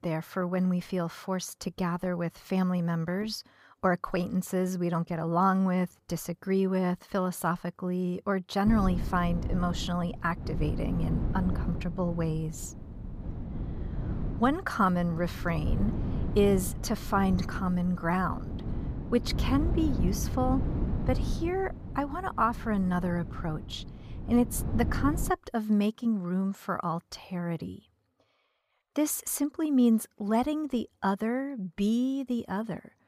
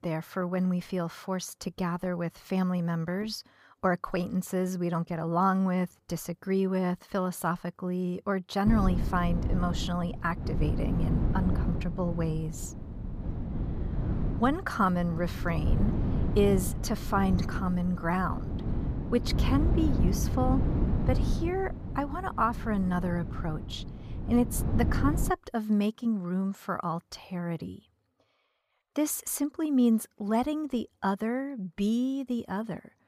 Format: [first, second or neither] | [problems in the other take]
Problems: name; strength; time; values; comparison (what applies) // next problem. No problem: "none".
first | wind noise on the microphone; heavy; from 8.5 to 25 s; 9 dB below the speech; occasional gusts in the first